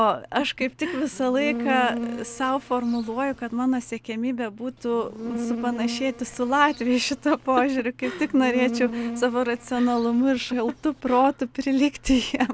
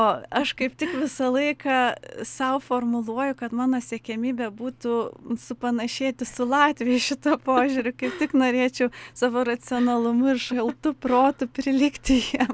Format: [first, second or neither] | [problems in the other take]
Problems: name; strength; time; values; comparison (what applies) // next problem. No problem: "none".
second | background sound (Insect); 10 dB below the speech